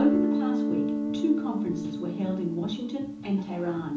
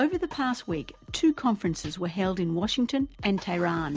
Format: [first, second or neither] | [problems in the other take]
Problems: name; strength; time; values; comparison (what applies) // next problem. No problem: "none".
second | background sound (Guitar); 1 dB above the speech // room echo; dies away in 1.2 s